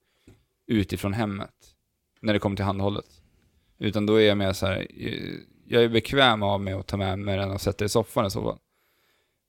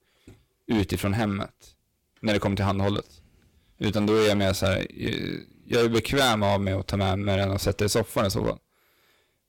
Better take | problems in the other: first | distortion; heavy; 9% of the sound clipped

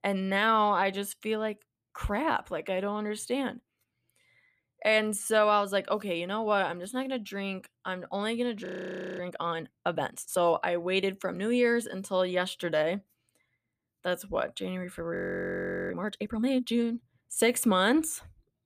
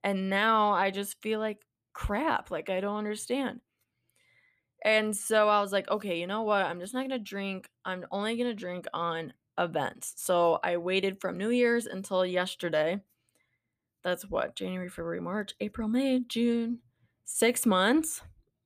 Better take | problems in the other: second | audio freezing; at 8.5 s for 0.5 s and at 15 s for 1 s

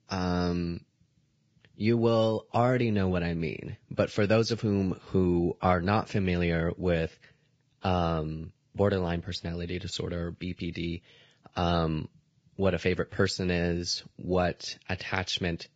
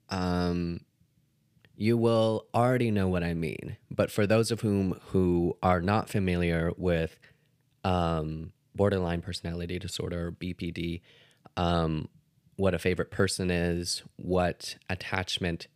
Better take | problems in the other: second | garbled, watery; badly; nothing above 7.5 kHz

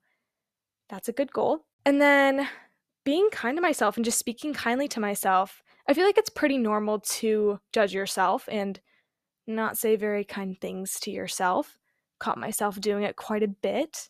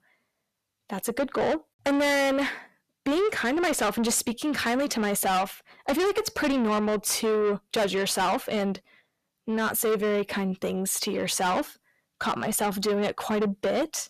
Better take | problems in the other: first | distortion; heavy; 6 dB below the speech

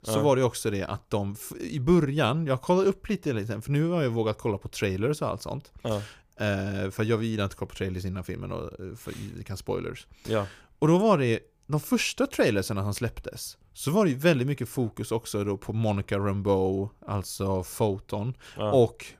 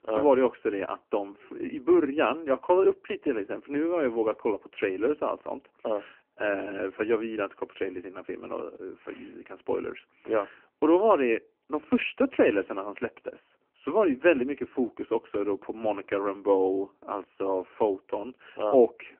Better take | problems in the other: first | phone-call audio; poor line; nothing above 3 kHz

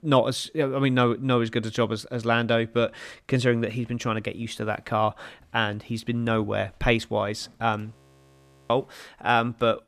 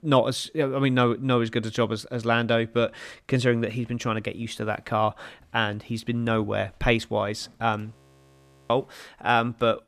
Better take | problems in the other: neither | audio freezing; at 8 s for 0.5 s; the same in both

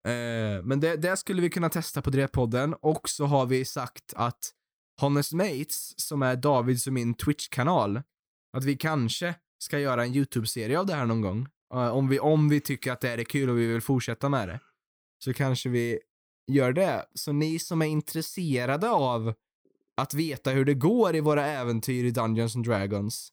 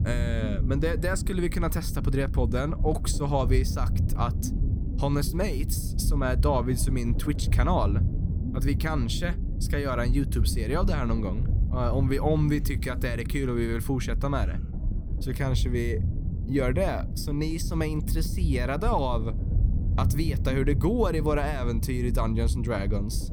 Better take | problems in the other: first | low rumble; noticeable; throughout; 10 dB below the speech

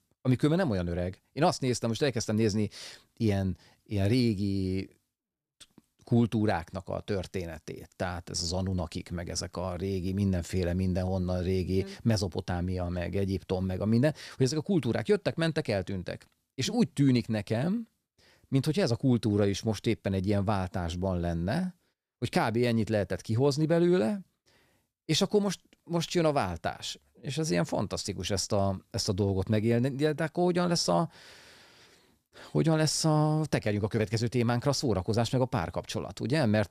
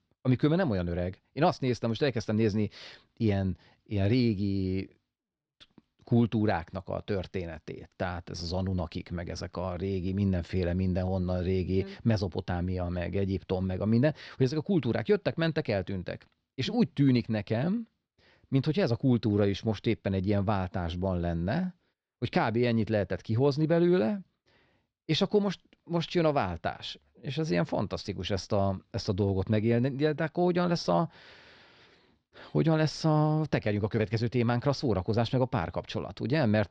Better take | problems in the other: first | muffled; very slightly; fading above 4.5 kHz

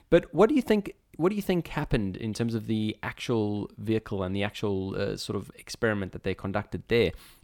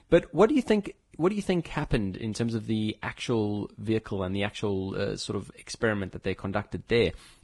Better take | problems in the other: first | garbled, watery; badly; nothing above 10 kHz

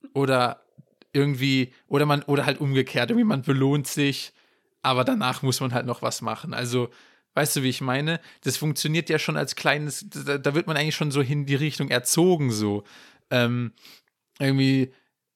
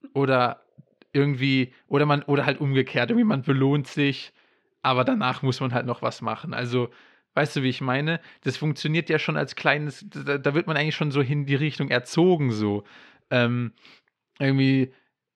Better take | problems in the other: first | muffled; slightly; fading above 3 kHz

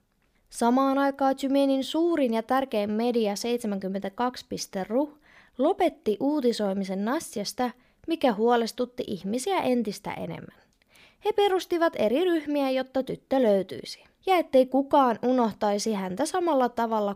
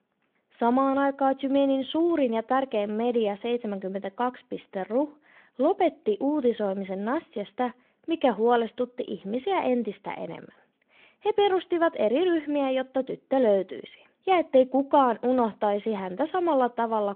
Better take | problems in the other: first | phone-call audio

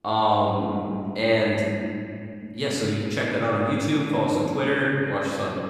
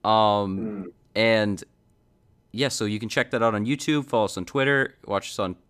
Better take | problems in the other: second | room echo; strong; dies away in 2.7 s // off-mic speech; far

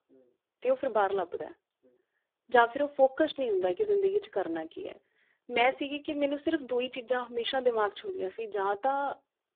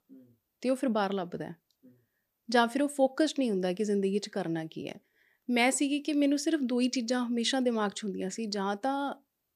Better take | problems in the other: second | phone-call audio; poor line

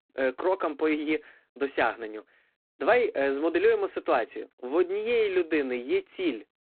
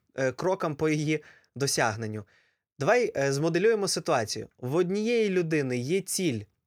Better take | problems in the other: second | phone-call audio; poor line; nothing above 4 kHz

